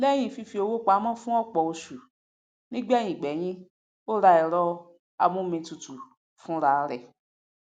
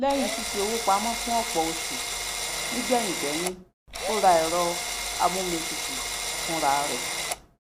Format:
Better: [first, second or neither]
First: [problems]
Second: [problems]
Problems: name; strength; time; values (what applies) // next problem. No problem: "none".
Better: first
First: none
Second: background sound (Drill); 3 dB below the speech